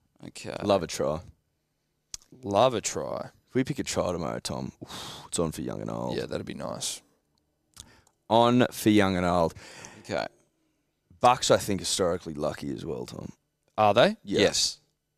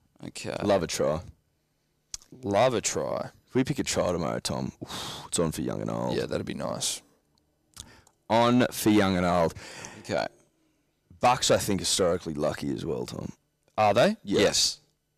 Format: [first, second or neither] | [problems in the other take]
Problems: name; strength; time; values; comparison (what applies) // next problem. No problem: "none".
first | distortion; slight; 10 dB below the speech